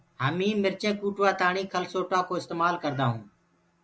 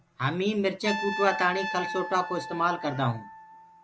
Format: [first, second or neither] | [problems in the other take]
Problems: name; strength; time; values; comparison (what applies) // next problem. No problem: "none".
first | background sound (Trumpet); 8 dB below the speech